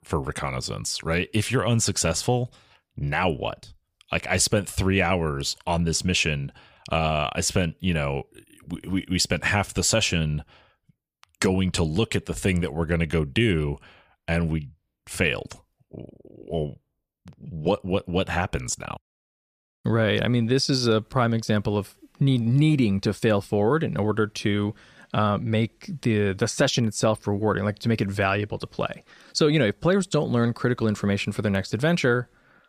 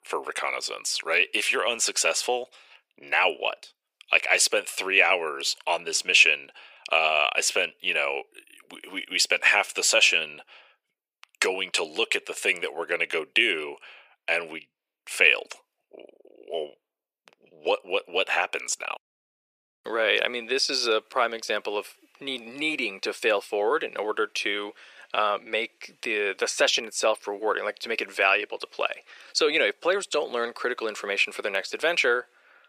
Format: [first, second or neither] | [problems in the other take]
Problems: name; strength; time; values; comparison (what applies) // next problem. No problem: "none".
first | thin; very; fading below 400 Hz